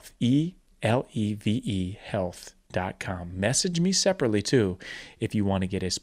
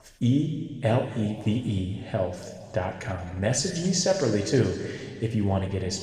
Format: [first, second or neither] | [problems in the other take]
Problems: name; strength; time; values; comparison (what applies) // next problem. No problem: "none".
first | room echo; noticeable; dies away in 1.9 s // off-mic speech; somewhat distant